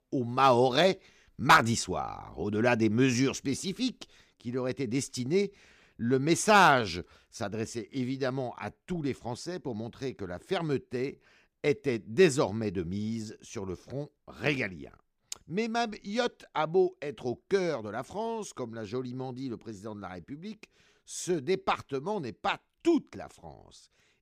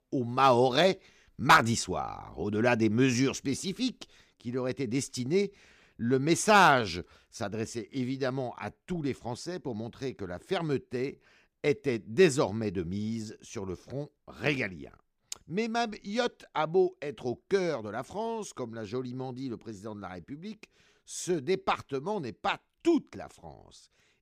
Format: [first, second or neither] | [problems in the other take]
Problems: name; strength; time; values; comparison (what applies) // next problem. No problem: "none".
neither | none